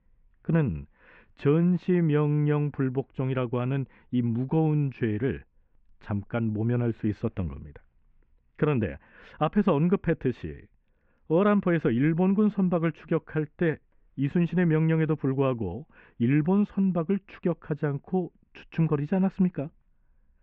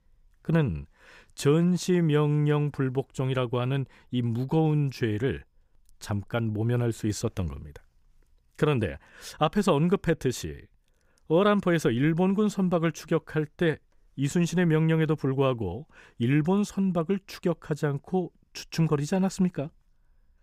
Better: second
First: muffled; very; fading above 2.5 kHz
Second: none

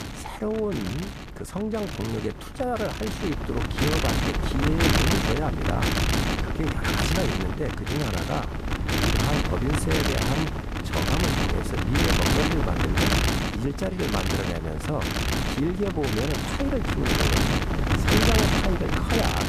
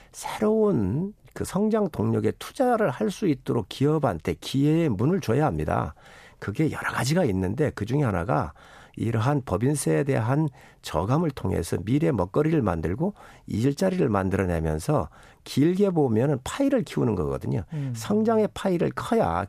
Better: second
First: wind noise on the microphone; heavy; 5 dB above the speech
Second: none

